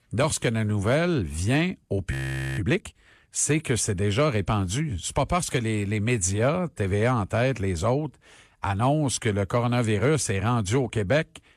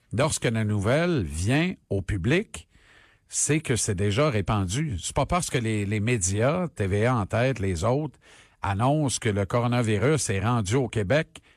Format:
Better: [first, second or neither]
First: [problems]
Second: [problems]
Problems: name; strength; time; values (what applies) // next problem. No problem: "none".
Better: second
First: audio freezing; at 2 s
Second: none